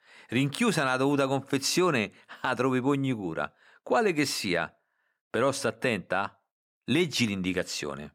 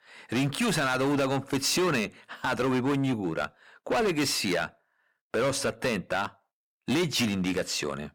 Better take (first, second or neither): first